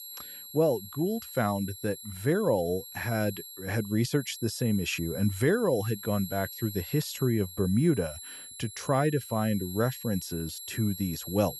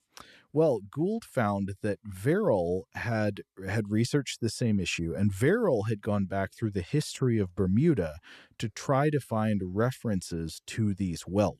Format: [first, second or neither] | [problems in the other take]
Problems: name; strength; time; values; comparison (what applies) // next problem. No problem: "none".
second | high-pitched whine; noticeable; throughout; 11.5 kHz, 10 dB below the speech